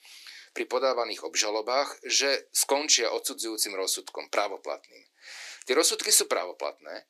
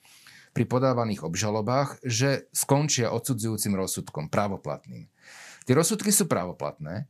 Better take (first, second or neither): second